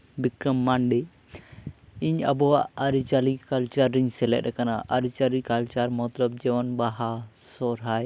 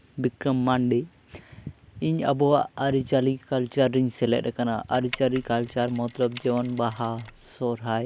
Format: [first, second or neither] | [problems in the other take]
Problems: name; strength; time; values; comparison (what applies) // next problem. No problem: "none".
first | background sound (Mechanisms); 19 dB below the speech